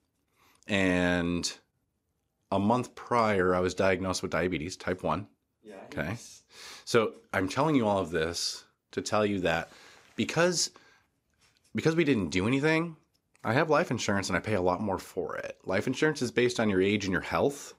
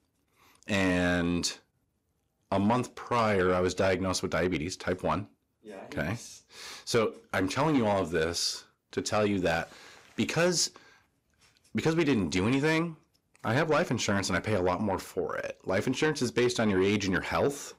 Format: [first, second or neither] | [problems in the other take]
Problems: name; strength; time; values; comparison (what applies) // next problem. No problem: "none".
first | distortion; slight; 10 dB below the speech